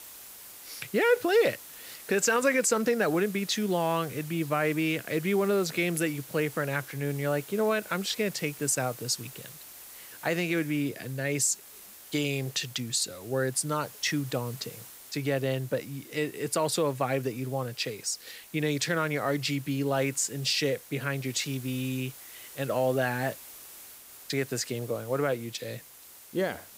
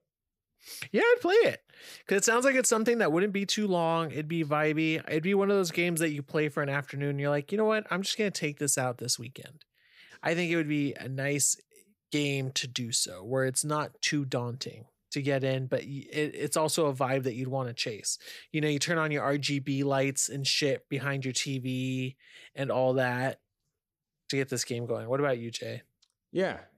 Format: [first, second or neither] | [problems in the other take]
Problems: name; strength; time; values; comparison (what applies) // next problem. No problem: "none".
second | hiss; noticeable; throughout; 15 dB below the speech